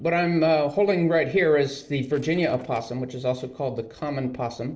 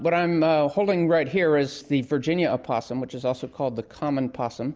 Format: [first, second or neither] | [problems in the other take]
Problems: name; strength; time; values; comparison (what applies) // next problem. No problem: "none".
second | noise reduction (neural separator model SepFormer DNS4)